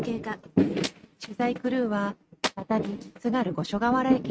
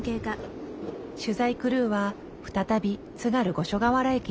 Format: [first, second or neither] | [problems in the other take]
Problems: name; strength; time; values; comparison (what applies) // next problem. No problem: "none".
second | noise reduction (neural mask model RNNoise)